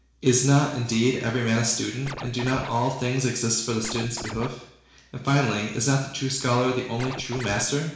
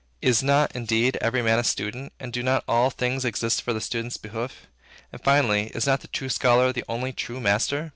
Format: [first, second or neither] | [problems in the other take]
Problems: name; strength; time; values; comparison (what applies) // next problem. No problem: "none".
second | background sound (Scratching (performance technique)); 11 dB below the speech // room echo; dies away in 0.7 s